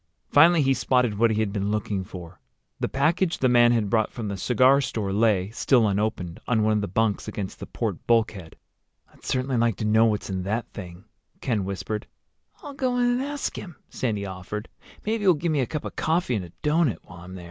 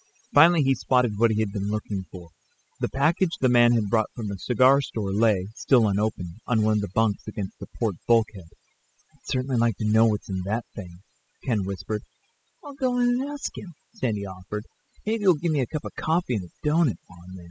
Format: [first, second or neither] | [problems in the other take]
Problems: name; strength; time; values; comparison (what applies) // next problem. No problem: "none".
first | noise reduction (classical method spectral subtraction)